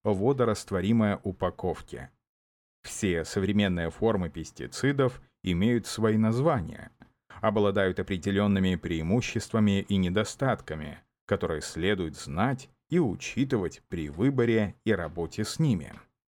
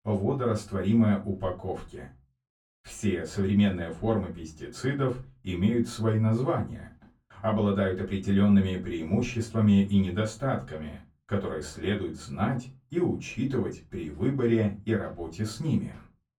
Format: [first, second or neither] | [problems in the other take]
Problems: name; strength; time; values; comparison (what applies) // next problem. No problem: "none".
first | off-mic speech; far // room echo; very slight; dies away in 0.2 s